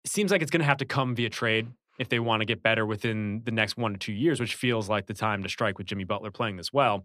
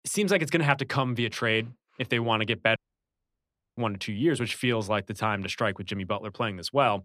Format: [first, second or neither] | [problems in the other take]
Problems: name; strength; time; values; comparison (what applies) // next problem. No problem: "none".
first | audio cutting out; at 3 s for 1 s